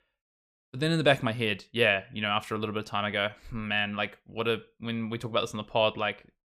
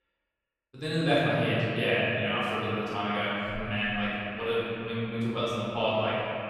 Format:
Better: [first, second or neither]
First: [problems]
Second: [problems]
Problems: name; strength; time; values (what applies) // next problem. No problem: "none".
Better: first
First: none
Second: off-mic speech; far // room echo; strong; dies away in 2.8 s